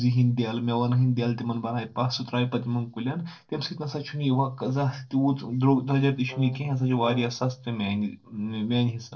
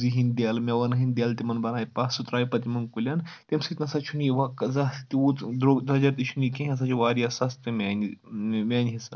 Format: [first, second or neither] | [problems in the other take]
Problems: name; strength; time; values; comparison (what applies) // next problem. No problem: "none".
second | noise reduction (neural separator model SepFormer DNS4)